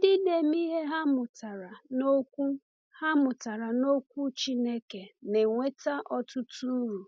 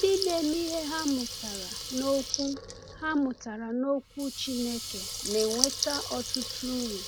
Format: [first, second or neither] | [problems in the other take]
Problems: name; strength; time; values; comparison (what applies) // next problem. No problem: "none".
first | background sound (Water tap, faucet / Liquid); 5 dB below the speech